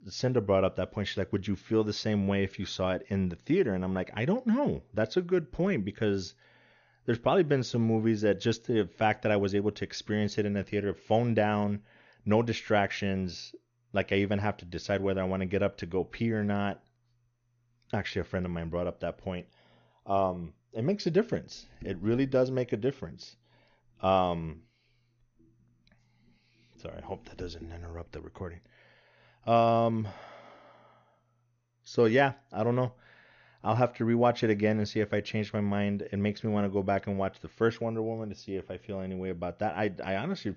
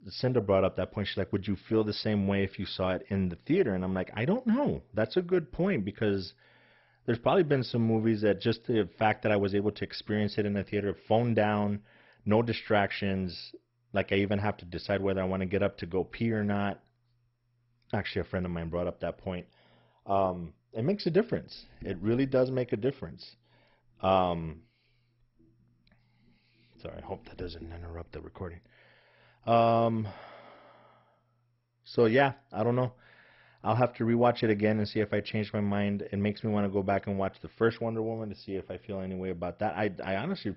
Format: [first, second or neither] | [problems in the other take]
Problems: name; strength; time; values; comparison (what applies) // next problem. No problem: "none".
first | garbled, watery; badly; nothing above 5.5 kHz; slightly in the first